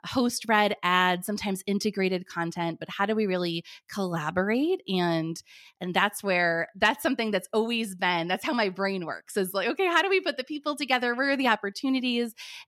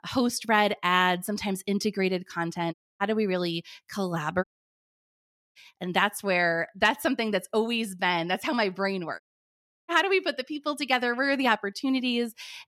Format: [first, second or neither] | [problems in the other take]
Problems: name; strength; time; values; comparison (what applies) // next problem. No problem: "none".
first | audio cutting out; at 2.5 s, at 4.5 s for 1 s and at 9 s for 0.5 s